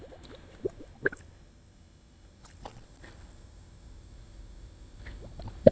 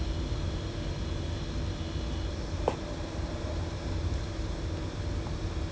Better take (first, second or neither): second